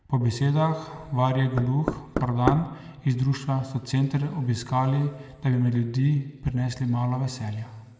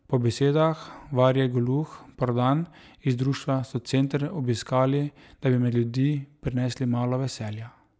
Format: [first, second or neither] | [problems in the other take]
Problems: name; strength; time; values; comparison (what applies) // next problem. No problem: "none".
second | background sound (Knock); 4 dB below the speech // room echo; dies away in 1.4 s